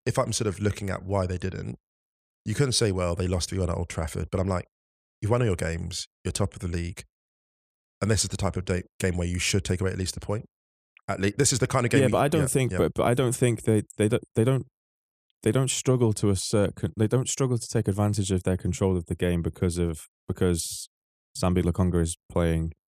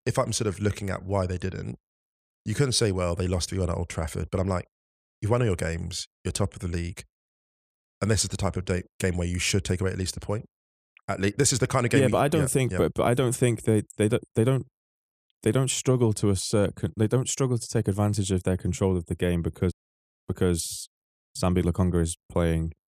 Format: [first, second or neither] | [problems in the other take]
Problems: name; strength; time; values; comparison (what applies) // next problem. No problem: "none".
first | audio cutting out; at 20 s